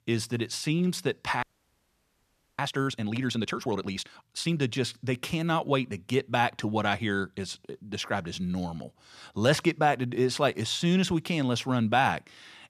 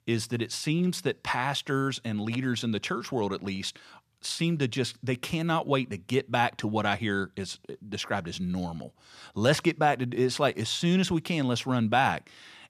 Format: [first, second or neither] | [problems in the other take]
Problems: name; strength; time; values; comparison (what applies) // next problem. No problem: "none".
second | audio freezing; at 1.5 s for 1 s